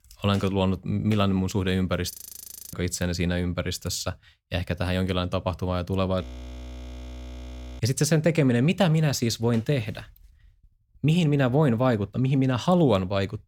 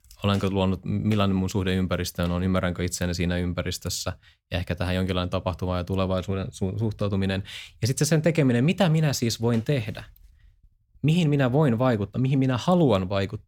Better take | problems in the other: second | audio freezing; at 2 s for 0.5 s and at 6 s for 1.5 s

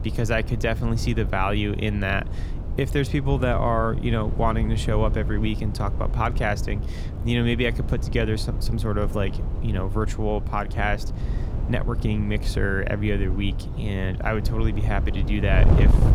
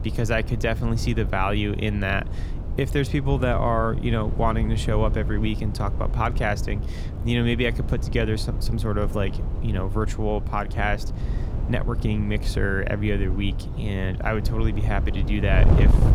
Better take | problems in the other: neither | wind noise on the microphone; occasional gusts; 10 dB below the speech; the same in both

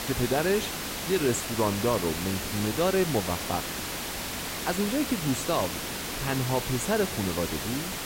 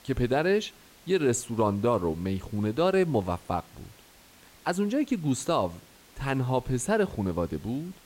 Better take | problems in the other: second | hiss; loud; throughout; 3 dB below the speech; faint in the second

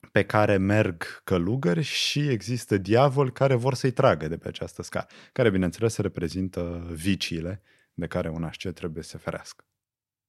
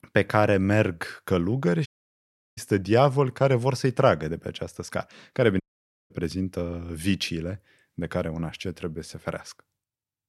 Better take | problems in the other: first | audio cutting out; at 2 s for 0.5 s and at 5.5 s for 0.5 s

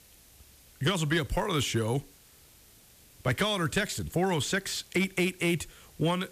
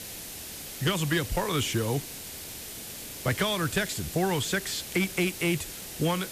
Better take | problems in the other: first | hiss; loud; throughout; 9 dB below the speech; faint in the first

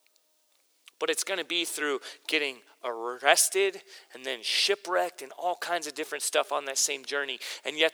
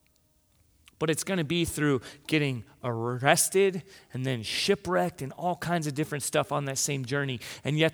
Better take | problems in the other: second | thin; very; fading below 400 Hz

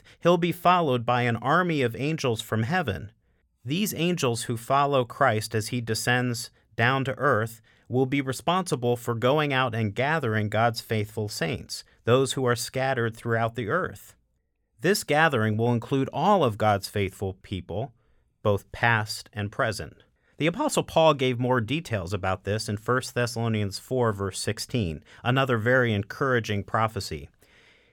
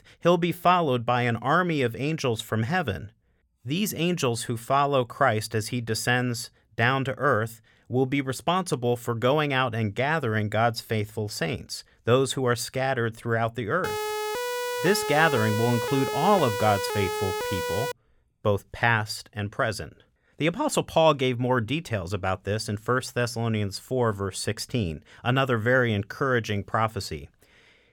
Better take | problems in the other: first | siren; noticeable; from 14 to 18 s; peak 3 dB below the speech

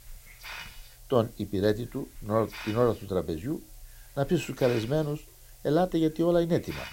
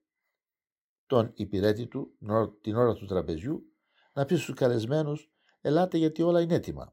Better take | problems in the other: second | hiss; noticeable; throughout; 15 dB below the speech

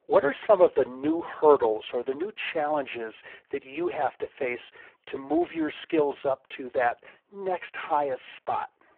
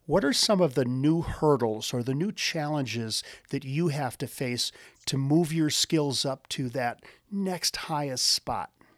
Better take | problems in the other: second | phone-call audio; poor line

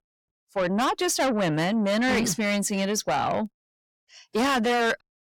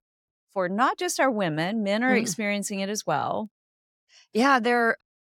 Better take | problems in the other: second | distortion; heavy; 6 dB below the speech

